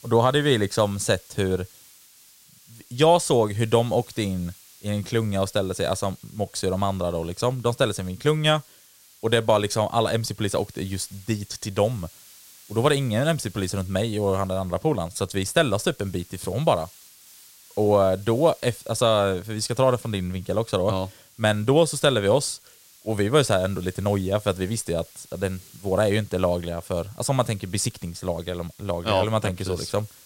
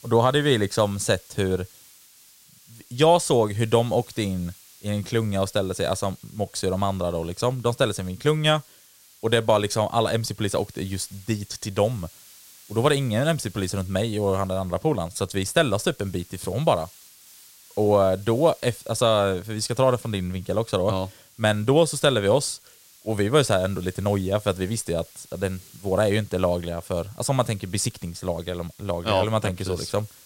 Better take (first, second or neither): neither